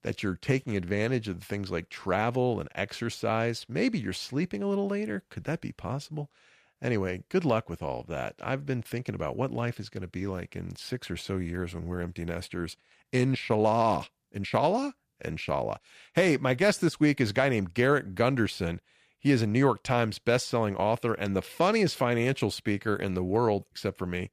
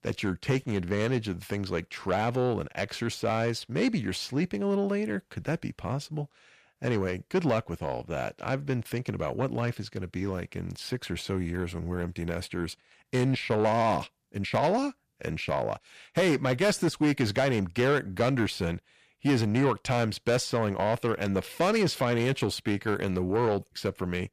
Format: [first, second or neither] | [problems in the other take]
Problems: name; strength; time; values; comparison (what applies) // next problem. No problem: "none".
first | distortion; slight; 10 dB below the speech